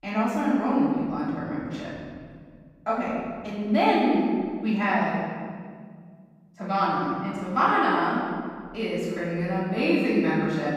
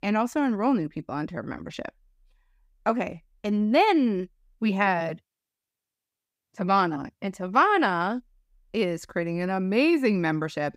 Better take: second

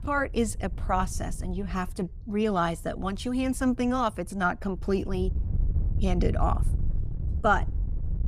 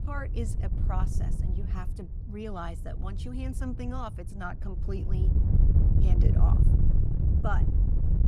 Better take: first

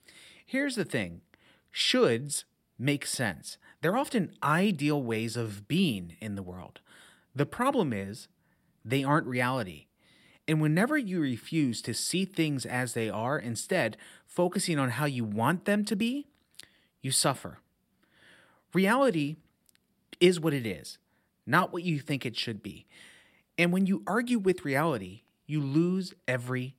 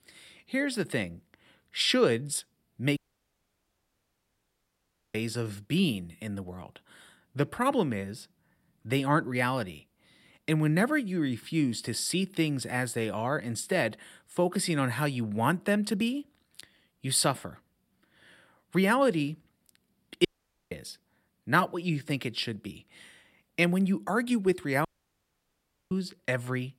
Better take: first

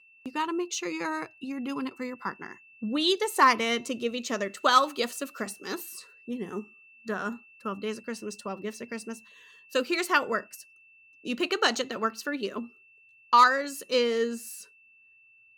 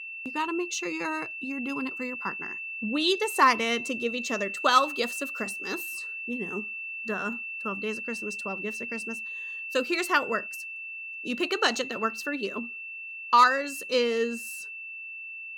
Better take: first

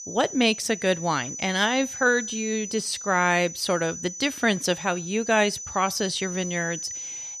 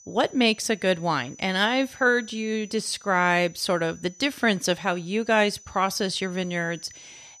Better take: second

